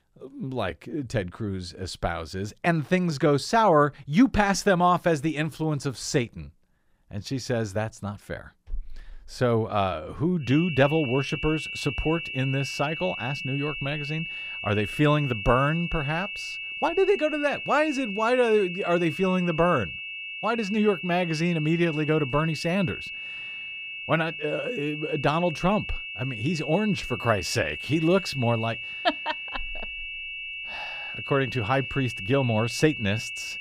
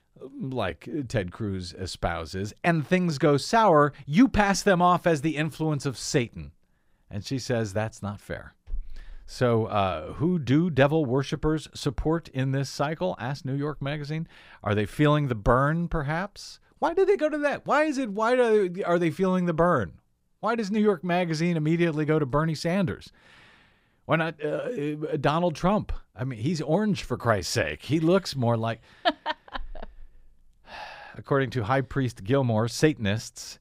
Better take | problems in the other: second | high-pitched whine; loud; from 10 s on; 2.5 kHz, 7 dB below the speech

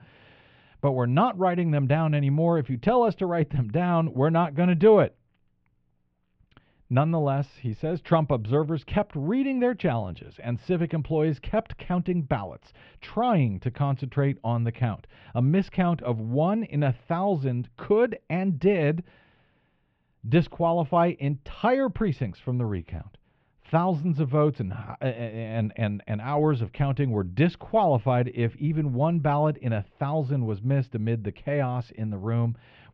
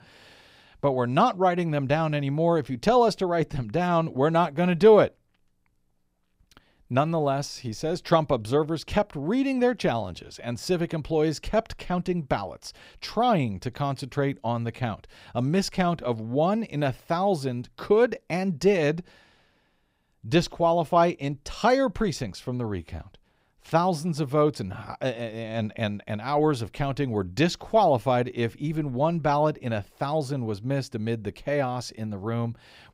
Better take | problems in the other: second | muffled; very; fading above 3 kHz

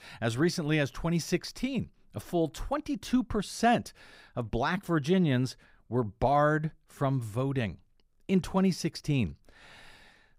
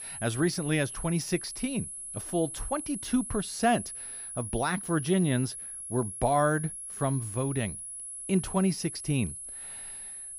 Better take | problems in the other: first | high-pitched whine; loud; throughout; 10.5 kHz, 7 dB below the speech

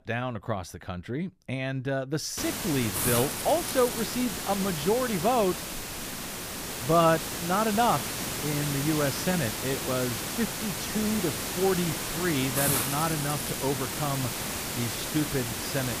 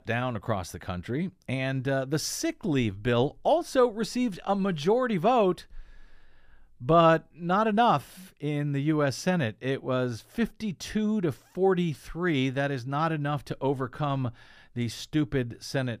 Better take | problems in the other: second | hiss; loud; from 2.5 s on; 2 dB below the speech

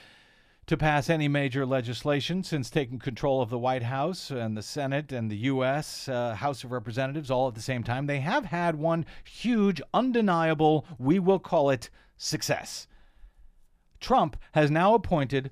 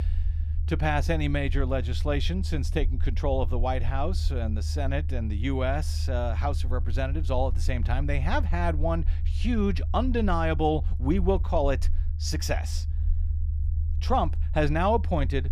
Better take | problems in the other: first | low rumble; noticeable; throughout; 20 dB below the speech

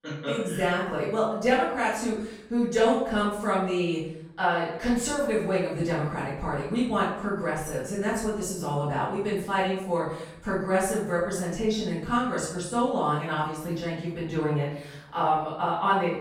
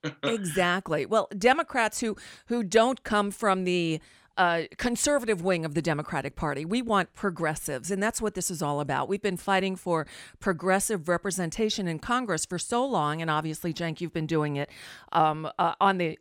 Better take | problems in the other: second | off-mic speech; far // room echo; noticeable; dies away in 0.7 s

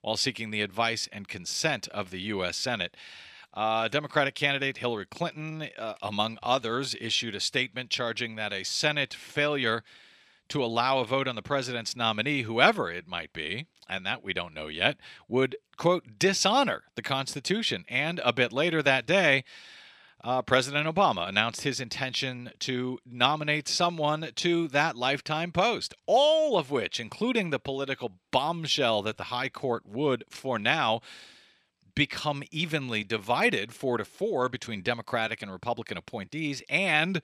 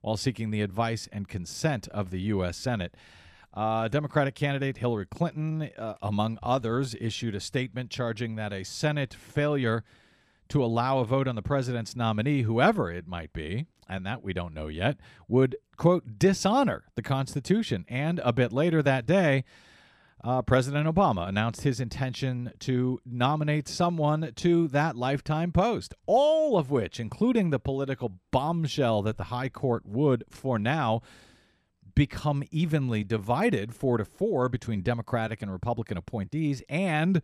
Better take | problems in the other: second | thin; very slightly; fading below 850 Hz

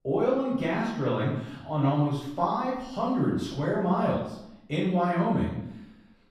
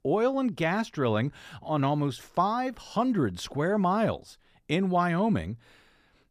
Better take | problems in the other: second | off-mic speech; far // room echo; noticeable; dies away in 0.7 s

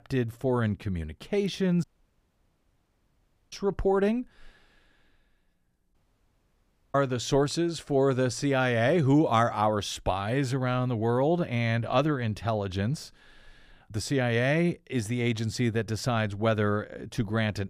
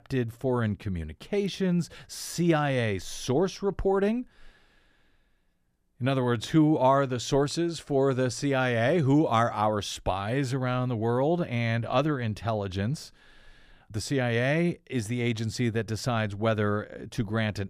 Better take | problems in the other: second | audio cutting out; at 2 s for 1.5 s and at 6 s for 1 s

